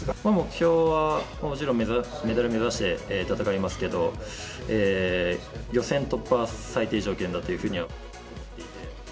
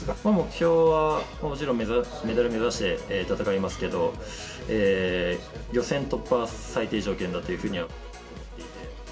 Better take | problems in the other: first | room echo; dies away in 0.2 s

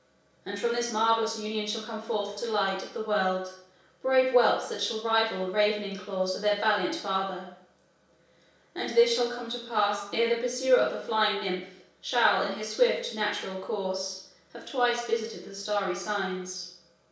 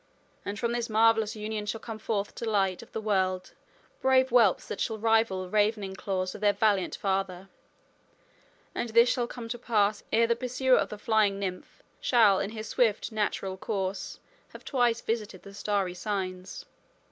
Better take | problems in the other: second | room echo; dies away in 0.6 s

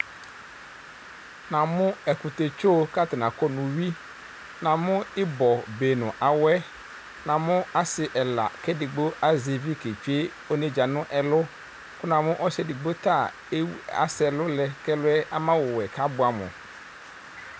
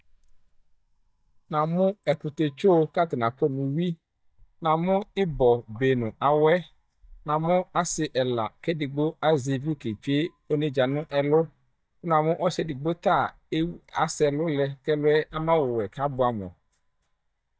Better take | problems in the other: first | noise reduction (neural mask model DeepFilterNet 3)

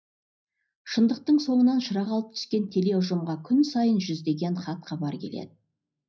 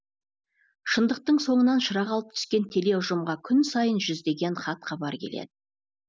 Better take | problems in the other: second | room echo; dies away in 0.4 s

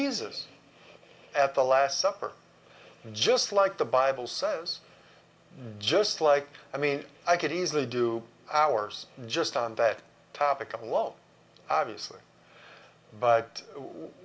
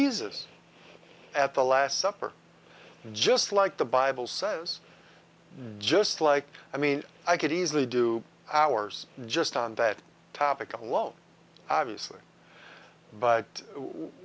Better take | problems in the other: second | room echo; dies away in 0.4 s

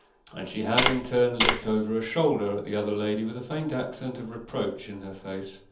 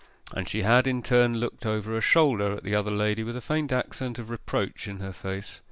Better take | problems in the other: second | background sound (Tap); 3 dB above the speech // room echo; dies away in 0.7 s

